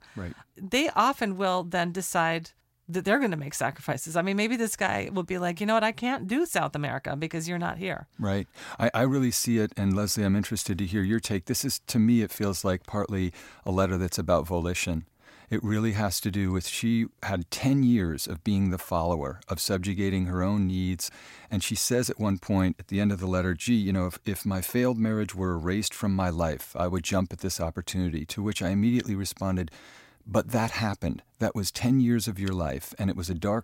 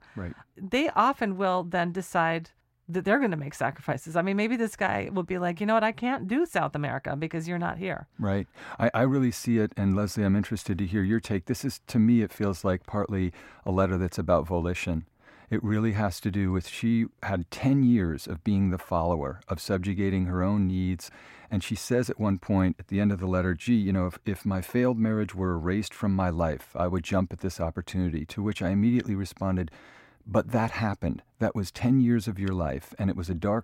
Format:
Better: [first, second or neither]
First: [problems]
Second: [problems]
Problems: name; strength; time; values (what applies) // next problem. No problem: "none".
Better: first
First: none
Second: muffled; slightly; fading above 3.5 kHz